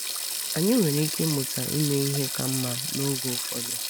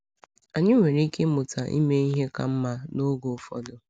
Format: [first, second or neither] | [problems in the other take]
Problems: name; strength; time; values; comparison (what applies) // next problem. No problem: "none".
second | background sound (Sink (filling or washing)); 3 dB below the speech